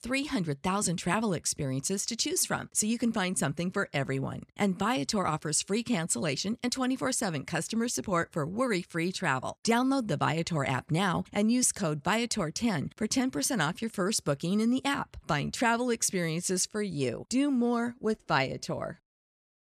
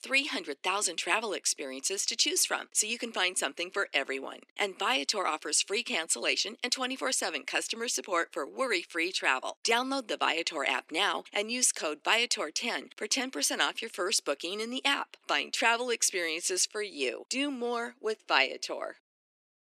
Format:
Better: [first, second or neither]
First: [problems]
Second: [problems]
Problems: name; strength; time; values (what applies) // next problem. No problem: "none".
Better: first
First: none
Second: thin; somewhat; fading below 300 Hz